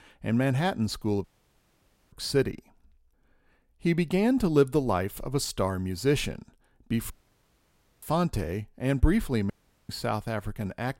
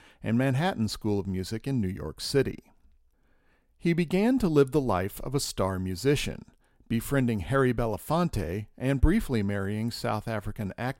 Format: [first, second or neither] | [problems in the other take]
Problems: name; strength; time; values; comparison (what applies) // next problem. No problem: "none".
second | audio cutting out; at 1 s for 1 s, at 7 s for 1 s and at 9.5 s